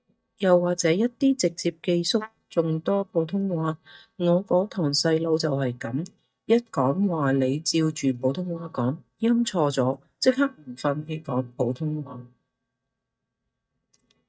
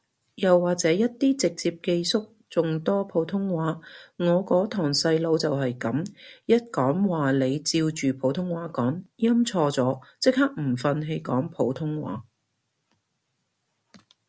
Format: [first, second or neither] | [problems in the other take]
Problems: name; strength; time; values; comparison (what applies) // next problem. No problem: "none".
second | noise reduction (neural mask model DeepFilterNet 3)